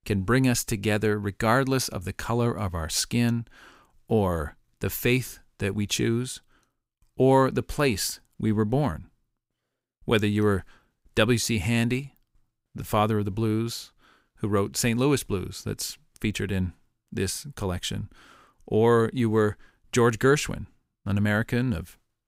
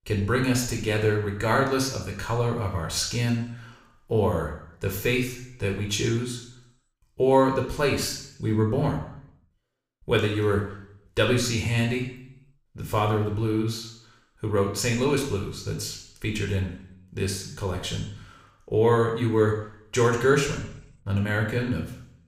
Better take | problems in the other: first | room echo; noticeable; dies away in 0.7 s // off-mic speech; somewhat distant

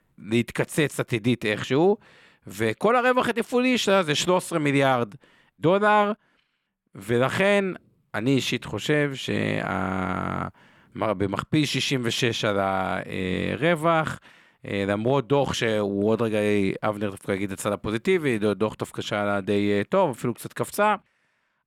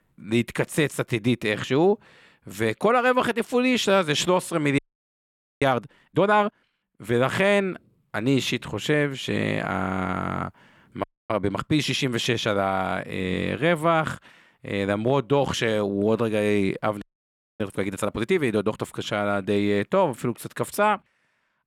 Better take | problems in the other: first | audio freezing; at 5 s for 1 s, at 11 s and at 17 s for 0.5 s

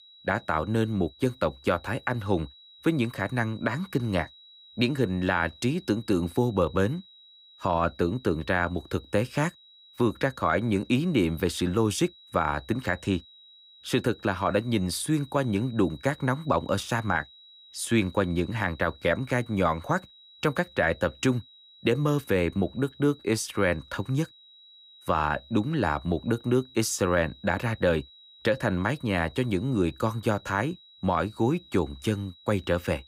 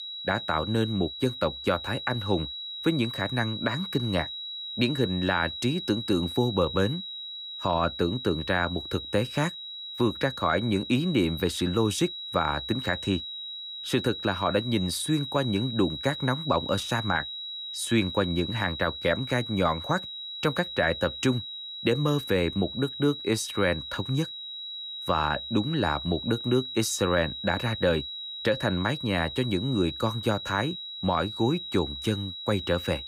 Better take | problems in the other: first | high-pitched whine; loud; throughout; 4 kHz, 7 dB below the speech; faint in the first

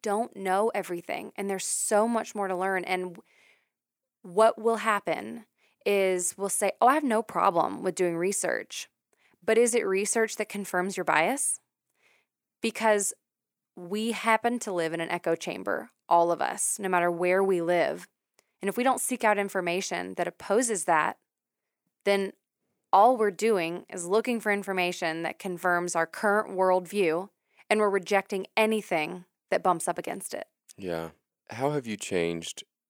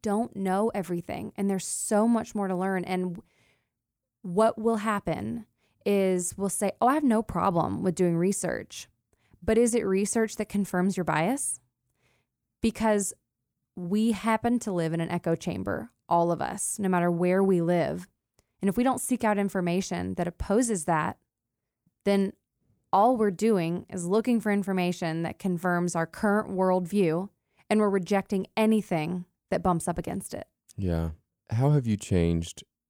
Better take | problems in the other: second | thin; somewhat; fading below 400 Hz

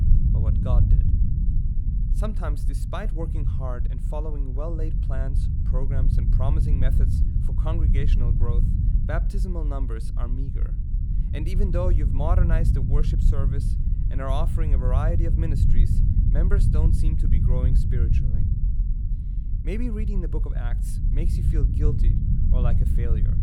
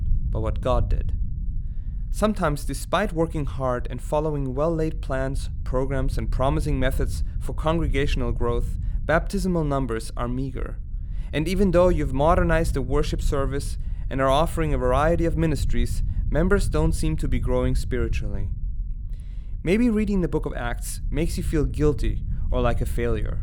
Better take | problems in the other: second | low rumble; loud; throughout; 3 dB below the speech; faint in the second

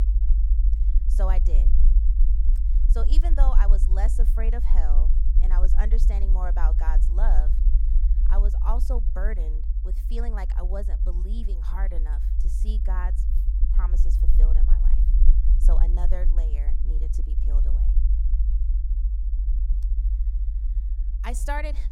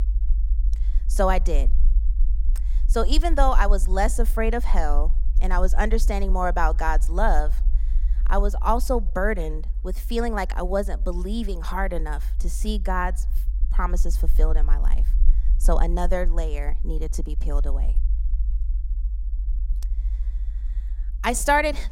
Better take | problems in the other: second | low rumble; loud; throughout; 9 dB below the speech; faint in the second

